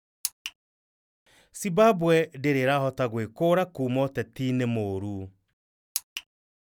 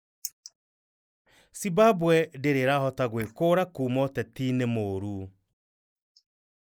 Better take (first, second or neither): first